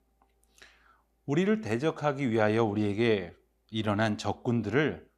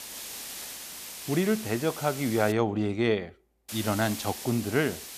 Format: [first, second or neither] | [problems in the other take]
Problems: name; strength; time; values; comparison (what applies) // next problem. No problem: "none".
first | hiss; loud; until 2.5 s and from 3.5 s on; 9 dB below the speech